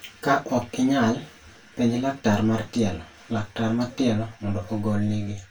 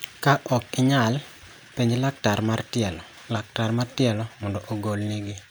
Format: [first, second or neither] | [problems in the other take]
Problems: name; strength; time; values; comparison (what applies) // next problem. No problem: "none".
second | room echo; dies away in 0.2 s